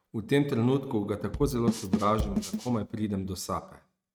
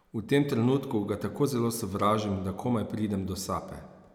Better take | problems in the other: second | noise reduction (neural mask model RNNoise)

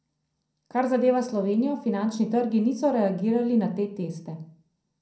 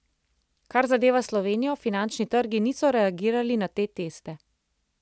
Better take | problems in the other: second | room echo; dies away in 0.6 s

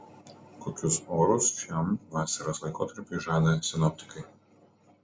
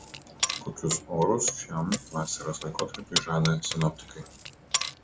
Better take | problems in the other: first | background sound (Keys jangling); 5 dB below the speech

